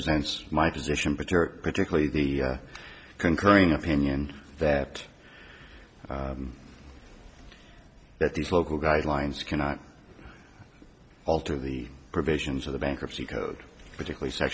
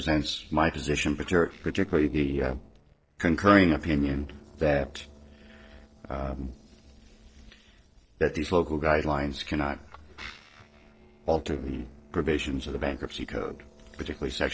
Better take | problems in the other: first | noise reduction (neural separator model SepFormer DNS4)

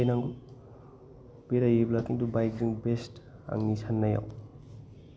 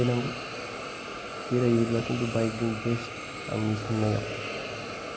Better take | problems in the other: first | background sound (Hiss); 7 dB below the speech

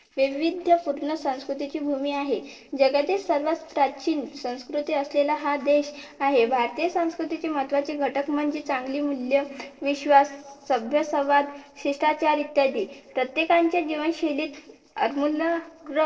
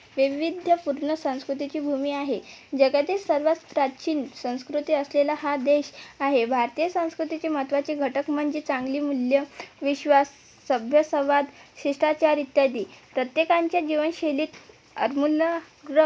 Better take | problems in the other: second | noise reduction (neural separator model SepFormer DNS4)

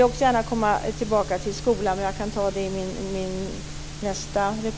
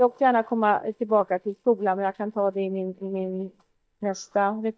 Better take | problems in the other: first | noise reduction (neural mask model DeepFilterNet 3)

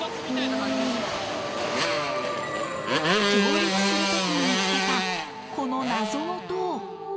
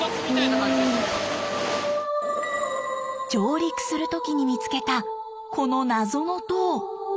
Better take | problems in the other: second | background sound (Motorcycle); 2 dB above the speech

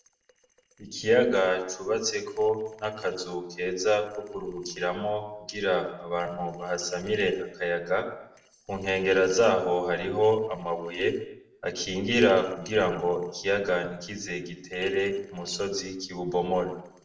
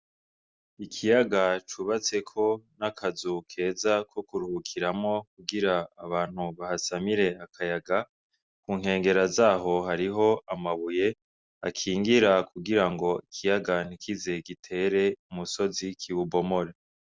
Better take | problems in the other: second | noise reduction (neural separator model SepFormer DNS4)

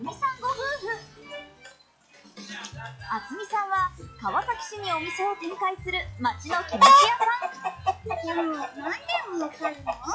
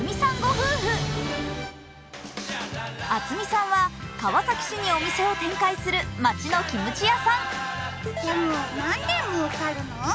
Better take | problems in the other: second | noise reduction (classical method log-MMSE)

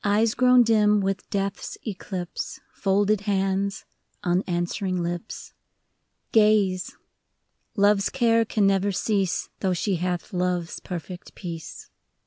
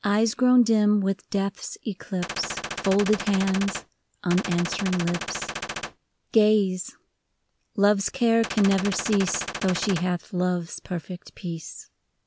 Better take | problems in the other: first | background sound (Gunshot, gunfire); 8 dB below the speech

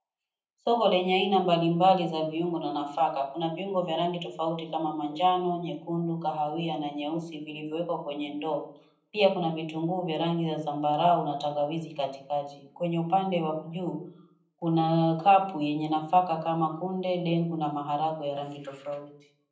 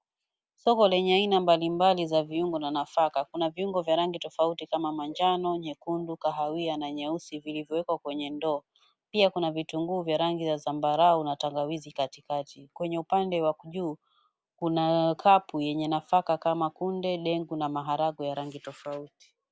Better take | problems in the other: second | room echo; dies away in 0.6 s

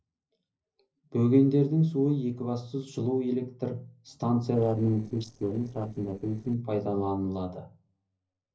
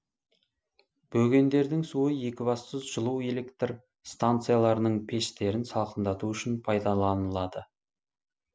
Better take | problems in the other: second | noise reduction (neural separator model SepFormer DNS4)

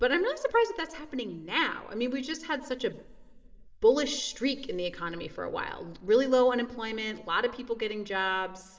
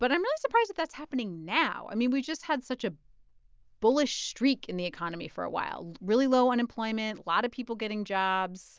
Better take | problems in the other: second | room echo; dies away in 1.8 s

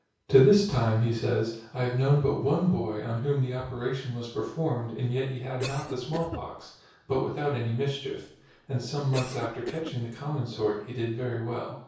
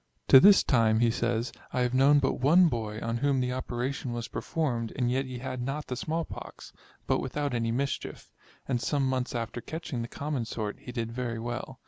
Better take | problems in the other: second | background sound (Cough); 14 dB below the speech // room echo; dies away in 0.6 s

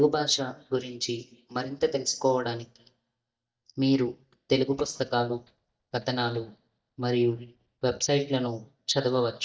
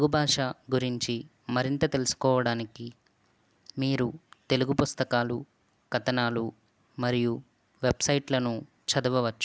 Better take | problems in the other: second | noise reduction (neural mask model DeepFilterNet 3)

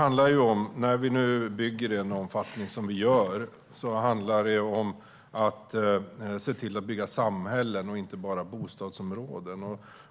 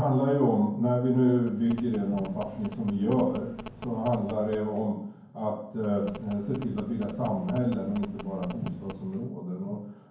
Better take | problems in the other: first | background sound (Telephone); 17 dB below the speech // room echo; dies away in 0.9 s

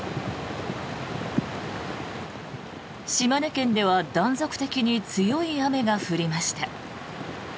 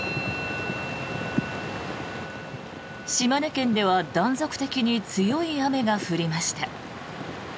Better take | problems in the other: first | background sound (Musical instrument); 14 dB below the speech

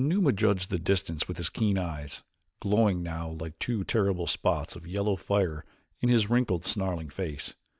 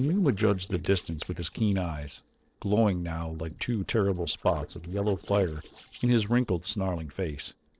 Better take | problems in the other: first | noise reduction (neural separator model SepFormer DNS4)

